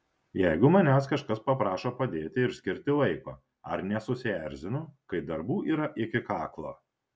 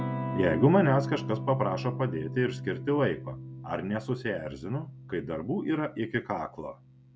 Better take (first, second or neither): first